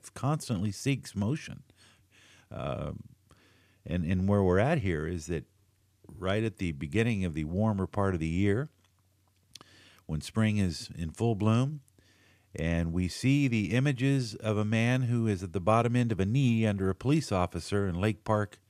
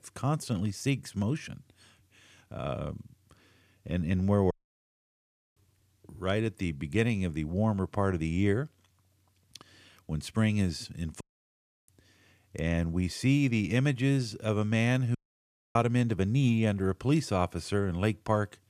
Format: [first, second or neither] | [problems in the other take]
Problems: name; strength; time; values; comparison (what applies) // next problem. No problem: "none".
first | audio cutting out; at 4.5 s for 1 s, at 11 s for 0.5 s and at 15 s for 0.5 s